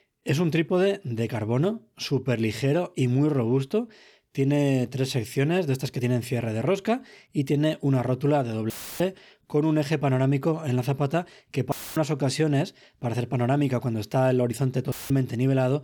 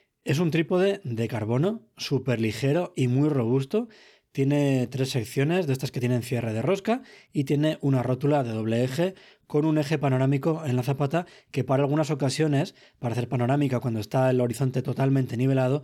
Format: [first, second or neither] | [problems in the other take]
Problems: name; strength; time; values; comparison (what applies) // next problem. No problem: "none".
second | audio cutting out; filled with static; at 8.5 s, at 12 s and at 15 s